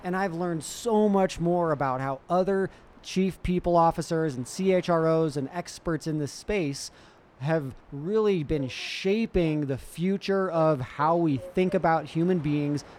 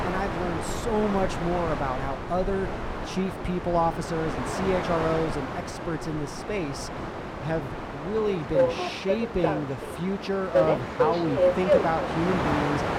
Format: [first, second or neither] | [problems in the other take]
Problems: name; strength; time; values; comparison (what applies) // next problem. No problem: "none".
first | train or aircraft noise; loud; throughout; as loud as the speech; faint in the first